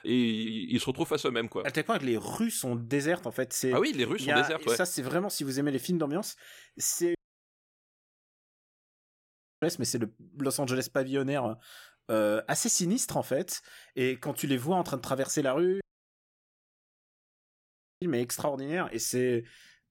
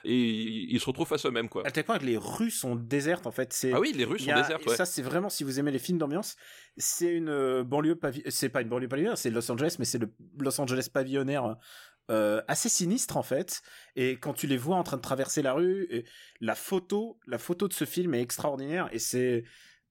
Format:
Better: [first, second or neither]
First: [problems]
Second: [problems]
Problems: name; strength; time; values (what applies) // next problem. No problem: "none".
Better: second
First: audio cutting out; at 7 s for 2.5 s and at 16 s for 2 s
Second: none